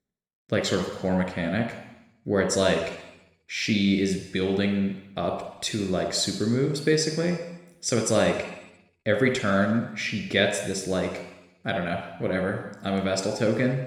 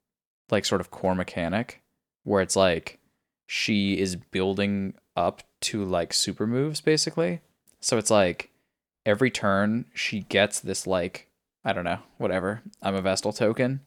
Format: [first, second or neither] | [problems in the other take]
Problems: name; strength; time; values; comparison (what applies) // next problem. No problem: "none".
second | room echo; noticeable; dies away in 1 s